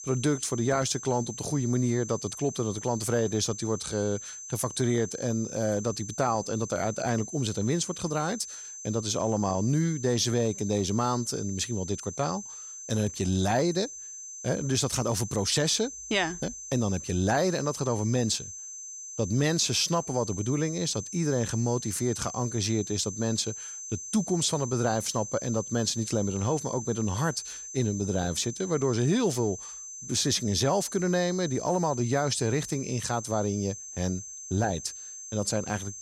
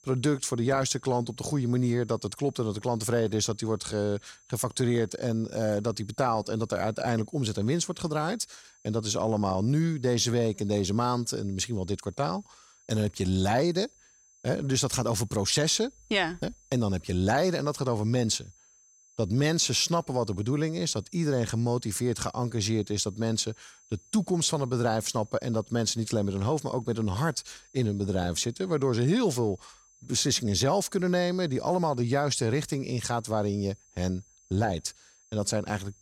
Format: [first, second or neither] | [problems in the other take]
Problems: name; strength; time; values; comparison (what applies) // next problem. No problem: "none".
second | high-pitched whine; loud; throughout; 6 kHz, 10 dB below the speech; faint in the second